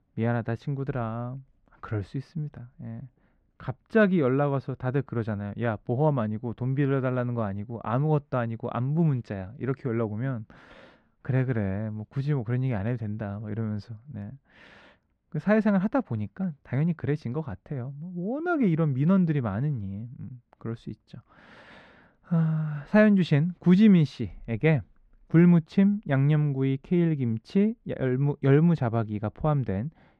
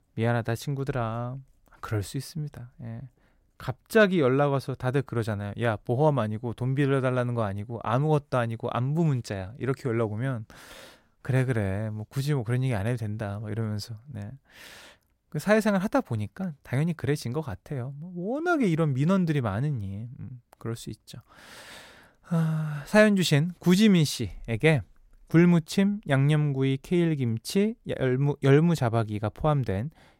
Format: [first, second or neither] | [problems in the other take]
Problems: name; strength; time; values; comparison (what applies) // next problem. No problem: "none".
second | muffled; slightly; fading above 2.5 kHz